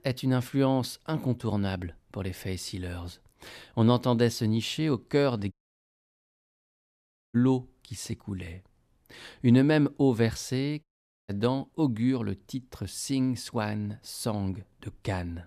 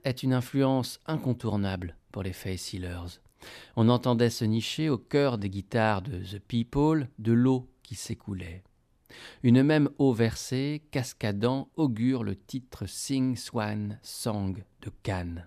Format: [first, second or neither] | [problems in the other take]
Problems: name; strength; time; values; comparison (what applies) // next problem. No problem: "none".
second | audio cutting out; at 5.5 s for 2 s and at 11 s